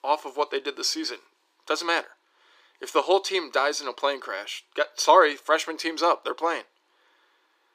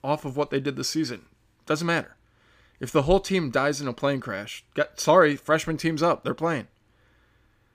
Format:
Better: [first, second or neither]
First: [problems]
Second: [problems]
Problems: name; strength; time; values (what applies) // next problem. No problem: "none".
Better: second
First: thin; very; fading below 350 Hz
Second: none